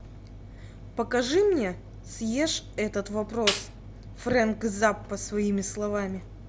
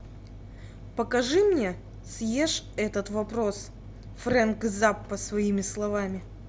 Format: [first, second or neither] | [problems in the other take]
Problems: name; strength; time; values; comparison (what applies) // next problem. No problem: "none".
second | background sound (Snare drum); 6 dB below the speech